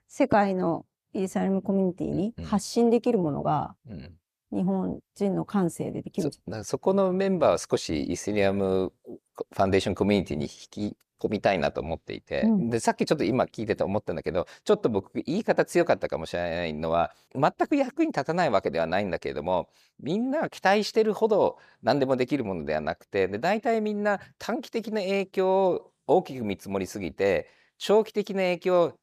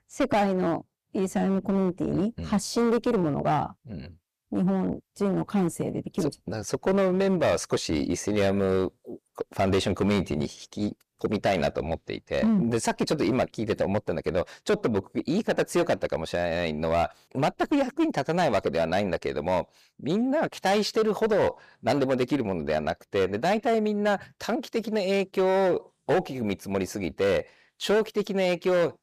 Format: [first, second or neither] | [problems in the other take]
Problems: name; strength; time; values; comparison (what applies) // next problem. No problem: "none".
first | distortion; slight; 8% of the sound clipped